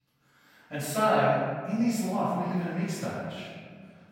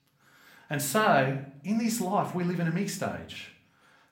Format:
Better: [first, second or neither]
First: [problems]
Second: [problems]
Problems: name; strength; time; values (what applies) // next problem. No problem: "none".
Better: second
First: room echo; strong; dies away in 1.6 s // off-mic speech; far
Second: room echo; slight; dies away in 0.4 s // off-mic speech; somewhat distant